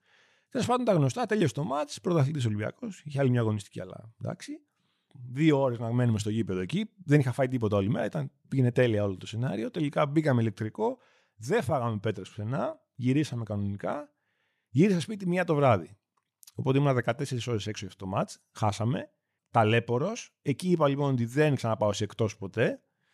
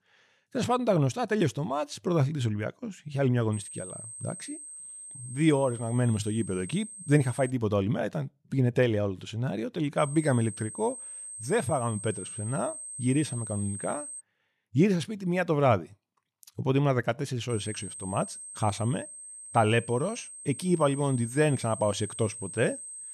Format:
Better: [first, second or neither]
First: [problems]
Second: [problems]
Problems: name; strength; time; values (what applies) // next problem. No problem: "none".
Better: first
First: none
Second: high-pitched whine; noticeable; from 3.5 to 7.5 s, from 10 to 14 s and from 18 s on; 8.5 kHz, 10 dB below the speech